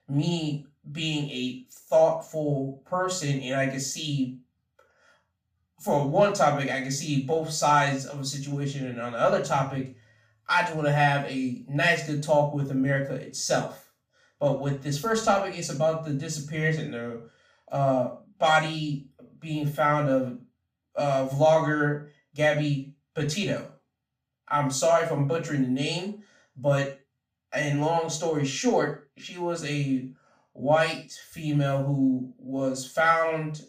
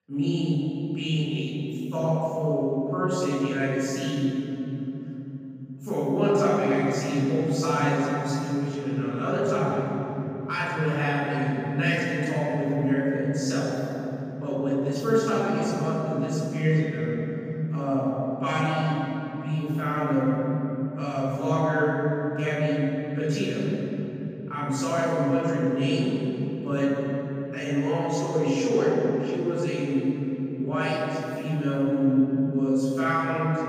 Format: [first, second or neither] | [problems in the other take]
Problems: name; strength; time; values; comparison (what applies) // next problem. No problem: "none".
first | room echo; strong; dies away in 3 s; slight in the first // off-mic speech; far; far in the first